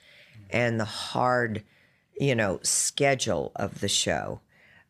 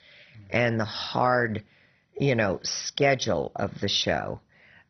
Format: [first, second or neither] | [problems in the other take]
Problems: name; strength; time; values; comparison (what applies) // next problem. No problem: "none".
first | garbled, watery; badly; nothing above 6 kHz